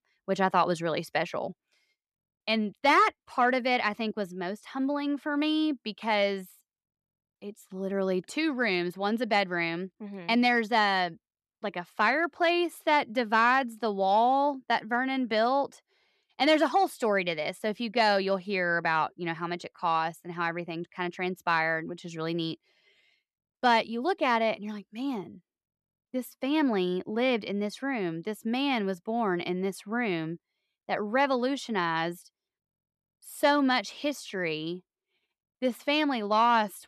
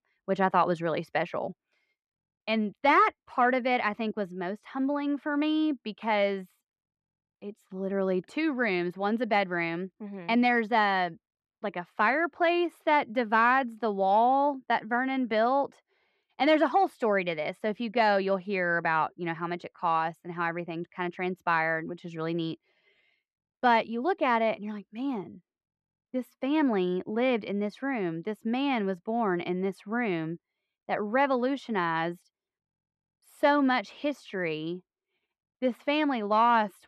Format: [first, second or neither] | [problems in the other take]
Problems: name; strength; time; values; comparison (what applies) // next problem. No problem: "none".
first | muffled; slightly; fading above 3.5 kHz